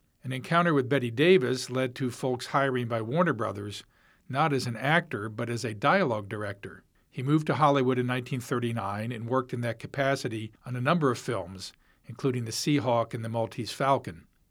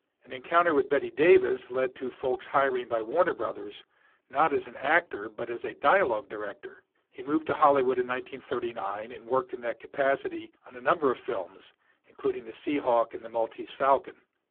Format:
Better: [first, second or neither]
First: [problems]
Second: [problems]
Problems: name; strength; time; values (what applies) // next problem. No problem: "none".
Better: first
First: none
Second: phone-call audio; poor line